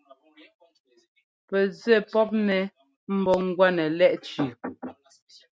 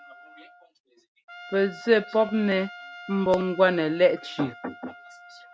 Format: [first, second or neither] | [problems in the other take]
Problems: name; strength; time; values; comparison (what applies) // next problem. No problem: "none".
first | background sound (Trumpet); 18 dB below the speech